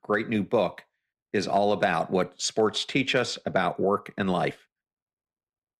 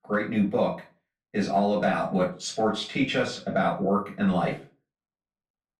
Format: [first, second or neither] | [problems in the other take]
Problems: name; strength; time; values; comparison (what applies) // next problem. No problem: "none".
first | off-mic speech; far // room echo; slight; dies away in 0.3 s